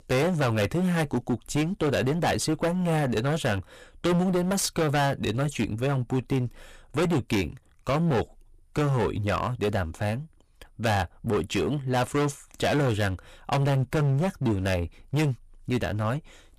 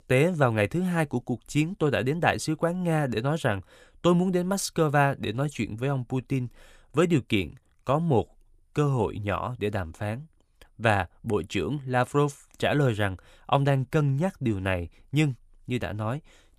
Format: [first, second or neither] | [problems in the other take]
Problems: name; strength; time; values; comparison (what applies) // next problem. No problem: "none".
second | distortion; heavy; 18% of the sound clipped